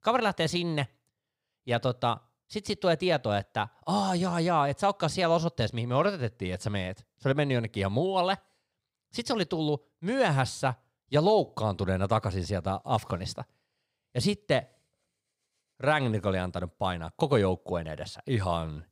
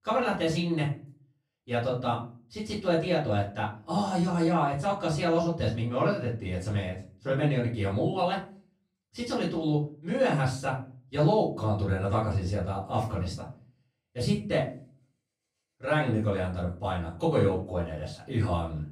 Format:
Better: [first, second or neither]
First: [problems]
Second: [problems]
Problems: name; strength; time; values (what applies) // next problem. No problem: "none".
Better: first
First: none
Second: off-mic speech; far // room echo; slight; dies away in 0.4 s